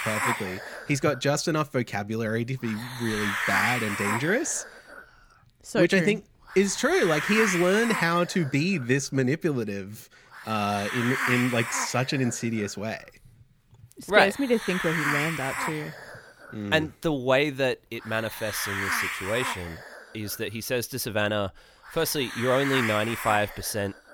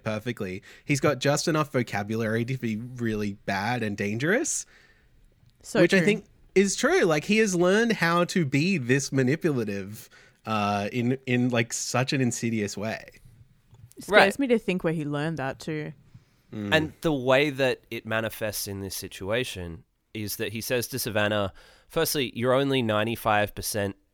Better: second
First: hiss; loud; throughout; 3 dB below the speech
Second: none

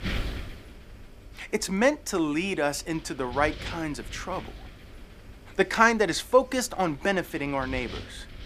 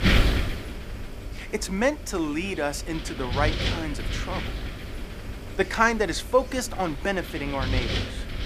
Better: first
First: wind noise on the microphone; occasional gusts; 20 dB below the speech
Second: wind noise on the microphone; heavy; 7 dB below the speech

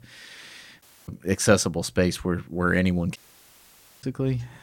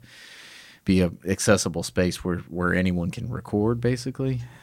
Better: second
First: audio cutting out; at 1 s and at 3 s for 1 s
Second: none

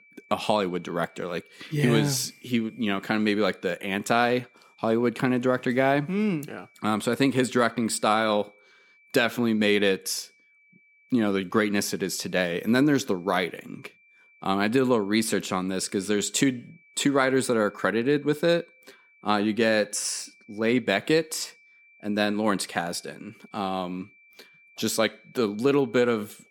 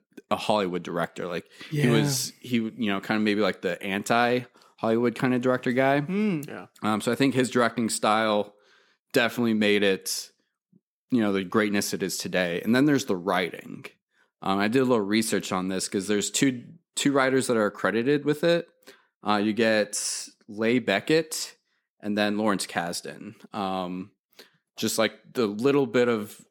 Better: second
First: high-pitched whine; faint; throughout; 2.5 kHz, 30 dB below the speech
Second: none

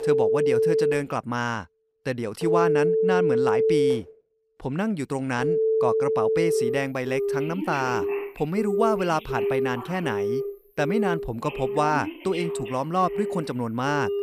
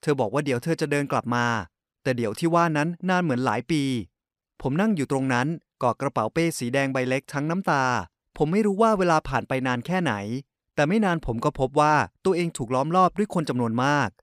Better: second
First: alarms or sirens; very loud; throughout; 2 dB above the speech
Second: none

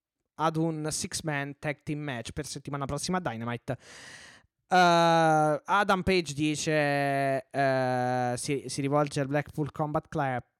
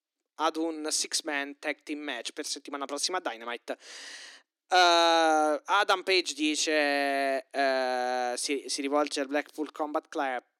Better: first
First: none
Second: thin; very slightly; fading below 300 Hz

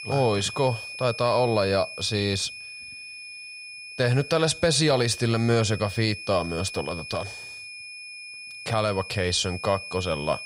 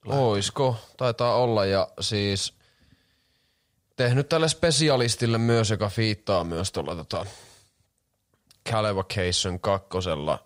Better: second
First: high-pitched whine; noticeable; throughout; 2.5 kHz, 10 dB below the speech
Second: none

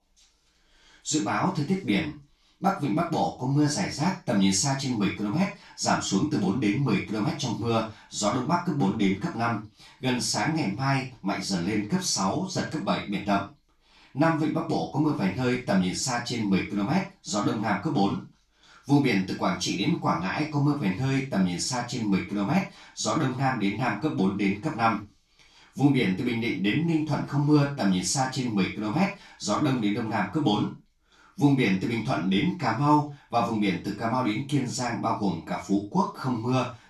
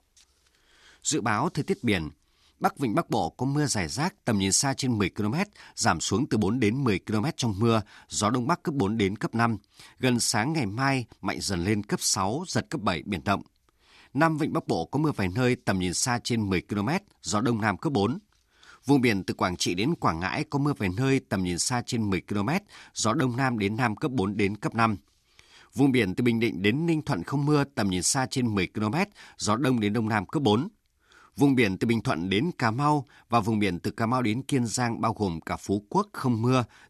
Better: second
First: room echo; noticeable; dies away in 0.3 s // off-mic speech; far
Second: none

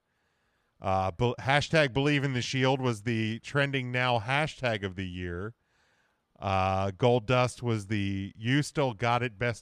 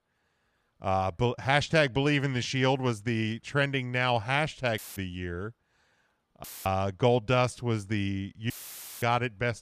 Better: first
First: none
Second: audio cutting out; filled with static; at 5 s, at 6.5 s and at 8.5 s for 0.5 s

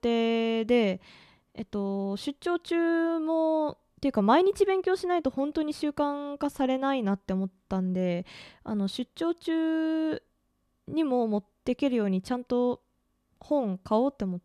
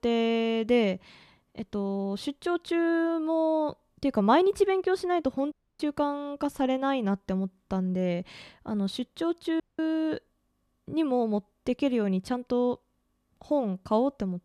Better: first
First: none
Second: audio cutting out; at 5.5 s and at 9.5 s

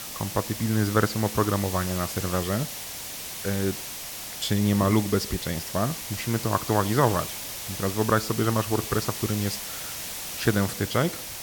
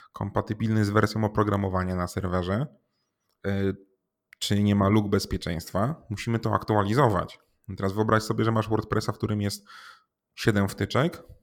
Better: second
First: hiss; loud; throughout; 6 dB below the speech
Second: none

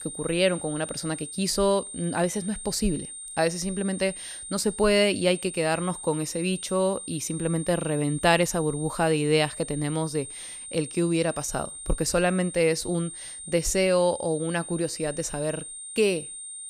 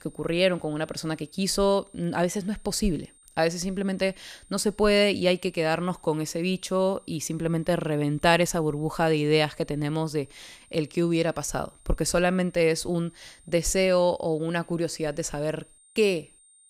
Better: second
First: high-pitched whine; loud; throughout; 8.5 kHz, 10 dB below the speech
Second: high-pitched whine; faint; throughout; 8.5 kHz, 30 dB below the speech

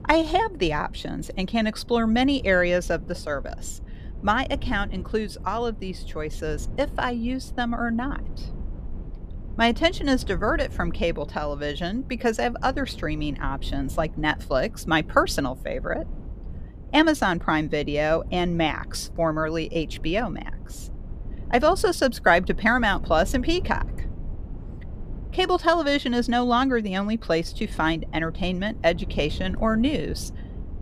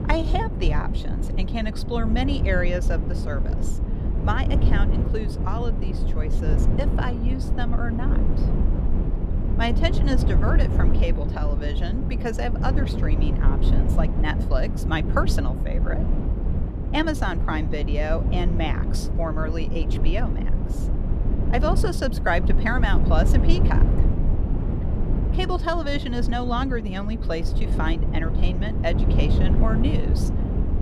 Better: first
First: low rumble; faint; throughout; 25 dB below the speech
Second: low rumble; loud; throughout; 6 dB below the speech

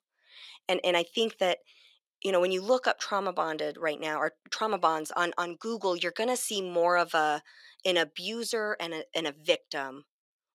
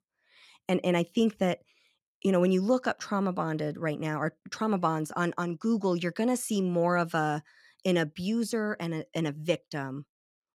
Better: second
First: thin; very; fading below 550 Hz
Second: none

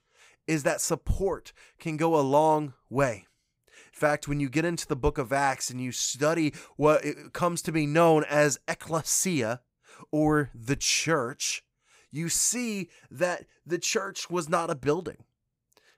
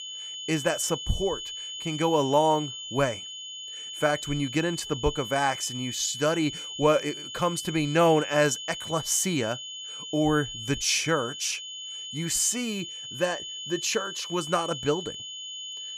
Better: first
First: none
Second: high-pitched whine; loud; throughout; 3 kHz, 8 dB below the speech

